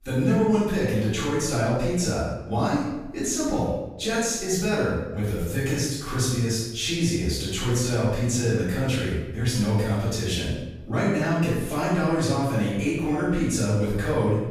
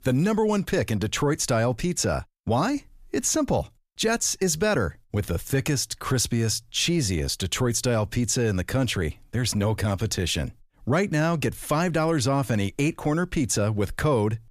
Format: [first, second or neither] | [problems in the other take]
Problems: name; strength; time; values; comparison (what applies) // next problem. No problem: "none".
second | off-mic speech; far // room echo; strong; dies away in 0.9 s